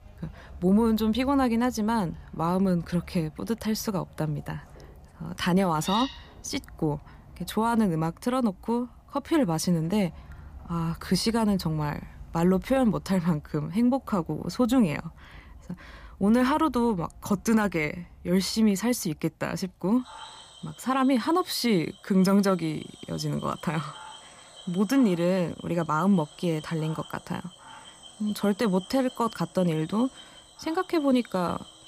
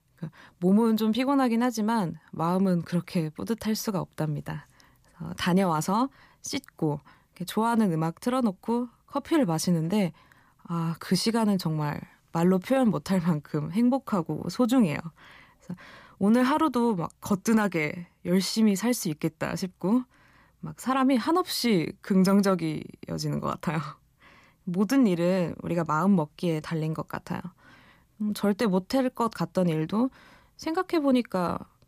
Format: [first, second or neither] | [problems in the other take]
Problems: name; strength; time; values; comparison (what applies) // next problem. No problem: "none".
second | animal sounds; faint; throughout; 20 dB below the speech